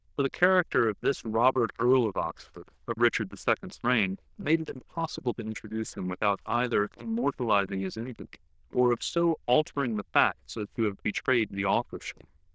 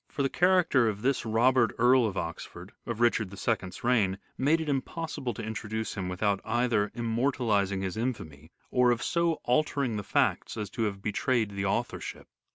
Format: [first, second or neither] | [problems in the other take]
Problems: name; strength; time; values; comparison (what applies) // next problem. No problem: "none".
second | noise reduction (neural diffusion model UNIVERSE++)